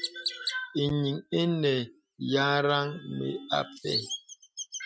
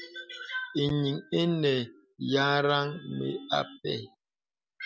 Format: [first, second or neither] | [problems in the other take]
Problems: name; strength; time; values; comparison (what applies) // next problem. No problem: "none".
second | noise reduction (neural mask model RNNoise)